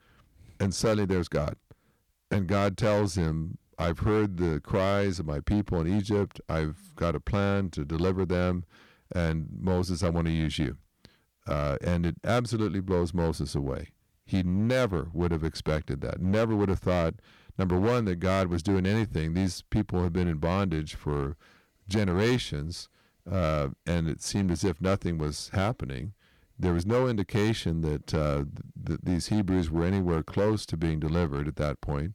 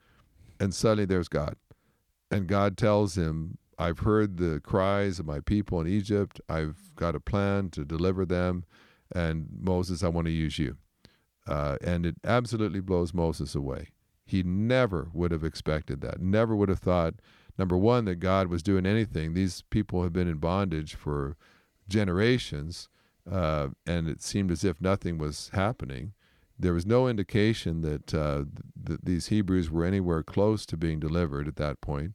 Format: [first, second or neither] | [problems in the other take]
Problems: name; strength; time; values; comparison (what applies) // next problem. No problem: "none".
second | distortion; slight; 6% of the sound clipped